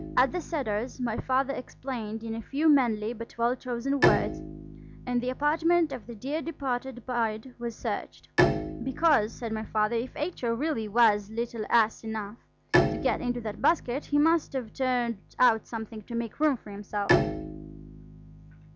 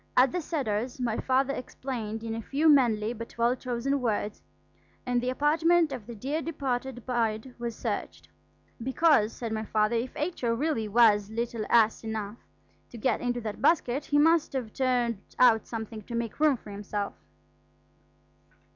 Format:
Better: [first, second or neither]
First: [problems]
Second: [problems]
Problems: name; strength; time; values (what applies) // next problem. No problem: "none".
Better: second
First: background sound (Bowed string instrument); 6 dB below the speech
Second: none